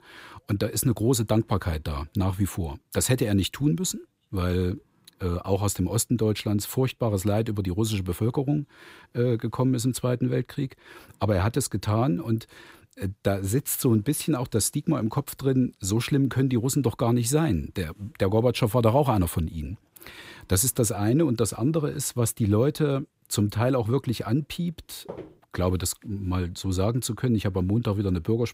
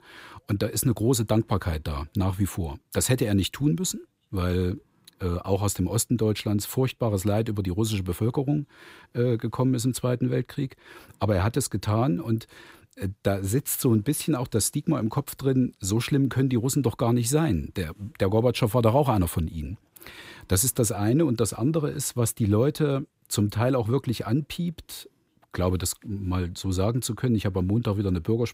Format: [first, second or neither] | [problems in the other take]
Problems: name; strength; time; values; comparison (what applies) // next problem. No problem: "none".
second | footsteps; faint; at 25 s; peak 15 dB below the speech